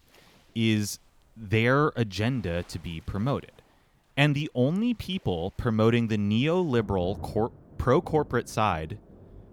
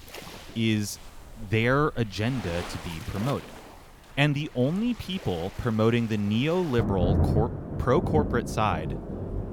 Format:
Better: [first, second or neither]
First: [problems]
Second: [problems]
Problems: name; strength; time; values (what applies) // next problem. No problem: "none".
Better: first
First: rain or running water; faint; throughout; 20 dB below the speech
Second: rain or running water; loud; throughout; 5 dB below the speech